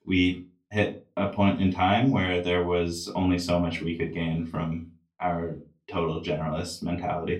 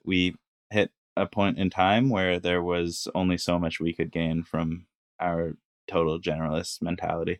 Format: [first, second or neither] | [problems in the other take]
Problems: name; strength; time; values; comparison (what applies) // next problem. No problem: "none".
second | off-mic speech; far // room echo; very slight; dies away in 0.2 s